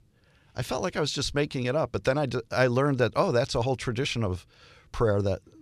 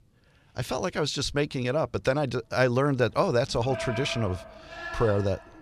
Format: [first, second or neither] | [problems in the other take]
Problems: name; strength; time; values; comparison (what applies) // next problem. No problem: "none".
first | animal sounds; noticeable; throughout; 10 dB below the speech